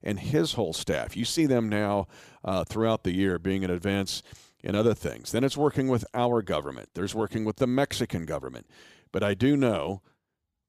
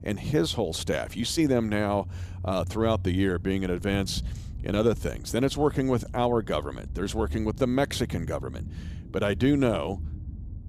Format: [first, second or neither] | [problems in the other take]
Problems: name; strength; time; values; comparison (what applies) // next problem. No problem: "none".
first | low rumble; faint; throughout; 25 dB below the speech